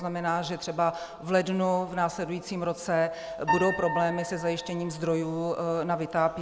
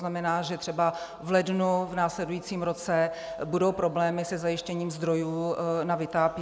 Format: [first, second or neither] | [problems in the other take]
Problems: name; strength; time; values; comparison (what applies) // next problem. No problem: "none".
second | background sound (Piano); 10 dB below the speech